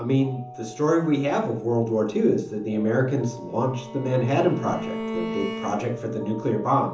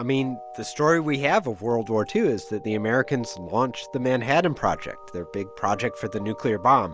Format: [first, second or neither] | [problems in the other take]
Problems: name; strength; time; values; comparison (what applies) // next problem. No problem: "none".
second | background sound (Bowed string instrument); 10 dB below the speech // room echo; dies away in 0.7 s